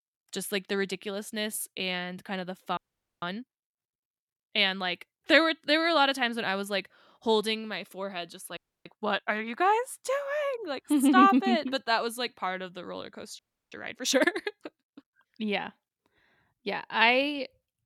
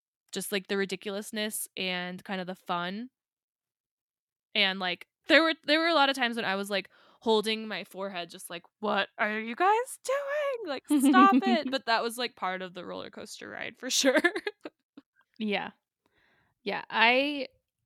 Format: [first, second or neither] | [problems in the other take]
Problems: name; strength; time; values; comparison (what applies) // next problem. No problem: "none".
second | audio freezing; at 3 s, at 8.5 s and at 13 s